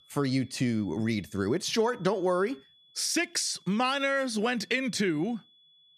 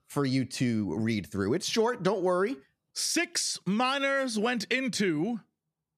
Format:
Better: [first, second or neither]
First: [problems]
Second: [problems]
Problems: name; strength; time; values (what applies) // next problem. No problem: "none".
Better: second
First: high-pitched whine; faint; throughout; 3.5 kHz, 30 dB below the speech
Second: none